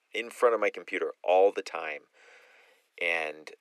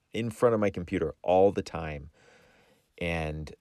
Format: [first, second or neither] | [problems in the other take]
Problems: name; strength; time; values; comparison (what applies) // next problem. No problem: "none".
second | thin; very; fading below 400 Hz